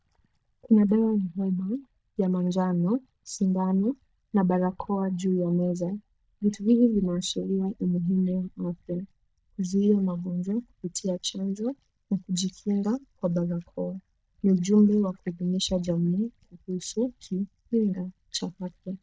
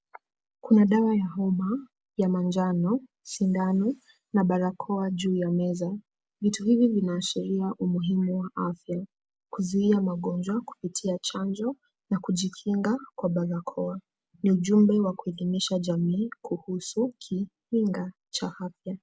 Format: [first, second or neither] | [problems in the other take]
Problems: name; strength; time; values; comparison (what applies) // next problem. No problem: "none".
second | noise reduction (neural mask model DeepFilterNet 3)